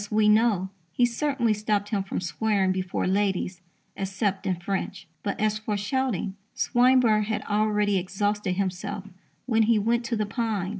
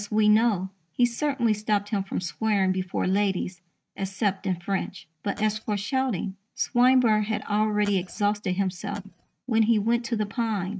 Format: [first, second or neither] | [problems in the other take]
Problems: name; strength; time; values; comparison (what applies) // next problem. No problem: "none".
first | noise reduction (neural mask model RNNoise)